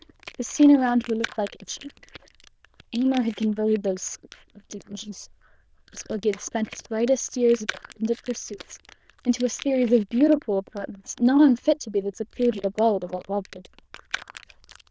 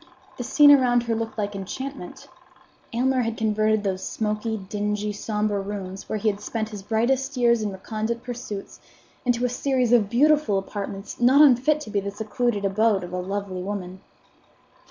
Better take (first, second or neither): second